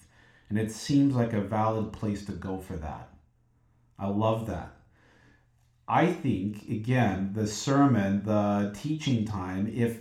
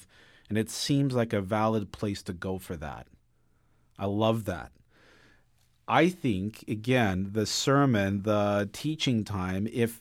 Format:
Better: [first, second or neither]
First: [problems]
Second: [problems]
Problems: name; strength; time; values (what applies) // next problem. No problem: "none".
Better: second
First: room echo; slight; dies away in 0.4 s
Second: none